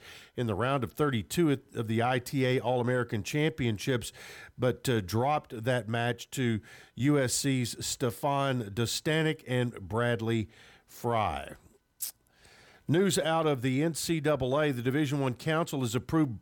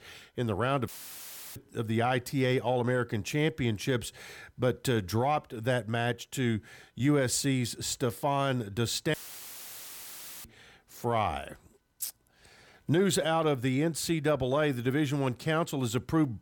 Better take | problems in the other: first | audio cutting out; filled with static; at 1 s for 0.5 s and at 9 s for 1.5 s

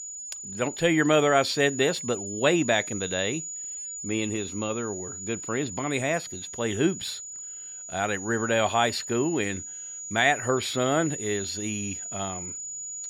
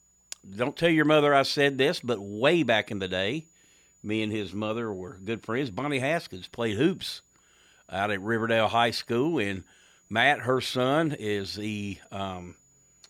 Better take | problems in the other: second | high-pitched whine; loud; throughout; 7 kHz, 8 dB below the speech; faint in the second

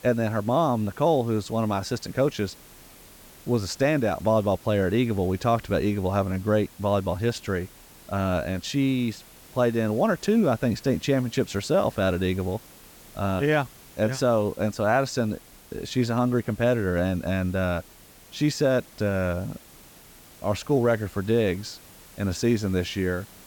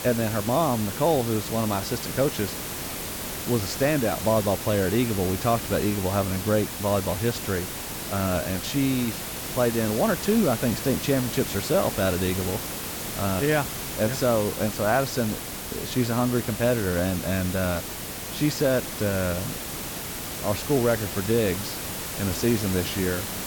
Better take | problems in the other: first | hiss; loud; throughout; 5 dB below the speech; faint in the first

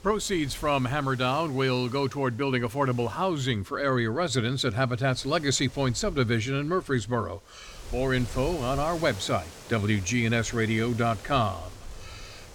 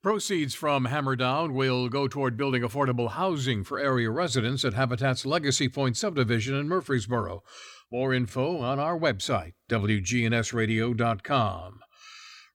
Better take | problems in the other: second | wind noise on the microphone; occasional gusts; 20 dB below the speech

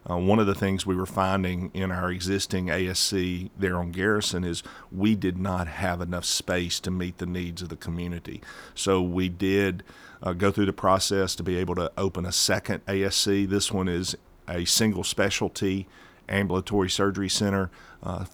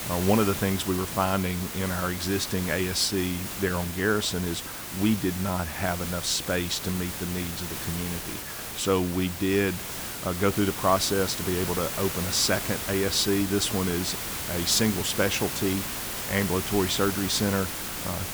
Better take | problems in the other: first | hiss; loud; throughout; 4 dB below the speech

